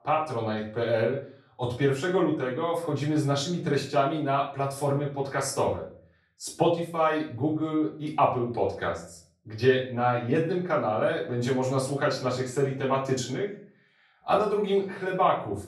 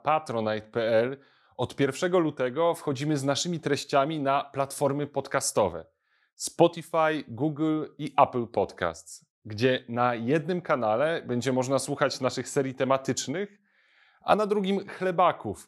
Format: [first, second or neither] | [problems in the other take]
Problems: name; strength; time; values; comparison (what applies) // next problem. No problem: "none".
second | off-mic speech; far // room echo; slight; dies away in 0.4 s